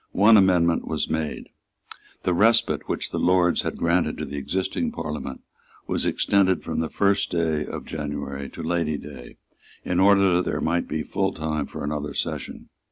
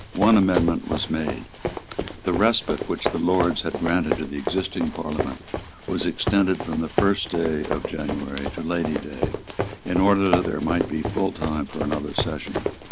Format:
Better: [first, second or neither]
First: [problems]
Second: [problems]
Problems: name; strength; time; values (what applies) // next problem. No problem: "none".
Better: first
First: none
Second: background sound (Run); 5 dB below the speech